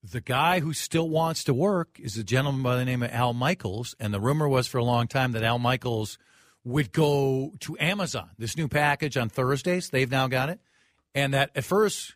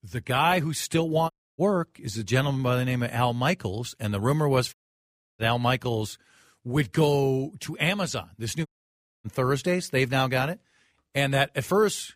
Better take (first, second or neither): first